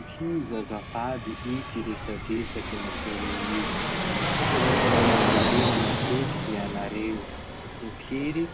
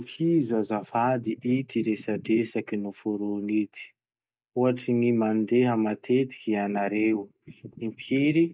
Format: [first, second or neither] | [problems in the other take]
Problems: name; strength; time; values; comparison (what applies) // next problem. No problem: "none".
second | background sound (Fixed-wing aircraft, airplane); 4 dB above the speech